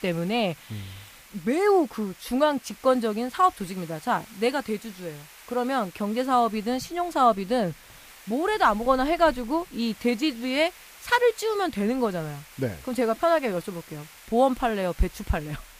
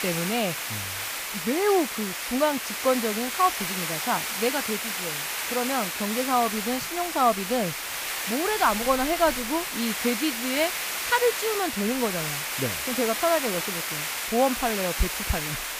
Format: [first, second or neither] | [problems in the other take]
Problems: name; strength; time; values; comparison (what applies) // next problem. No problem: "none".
first | hiss; loud; throughout; 2 dB below the speech; faint in the first